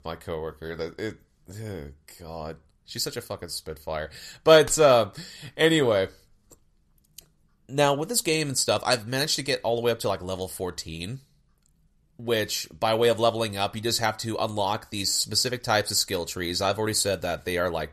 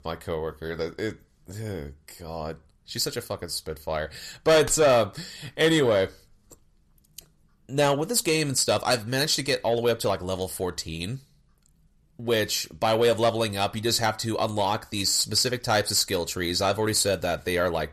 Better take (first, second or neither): first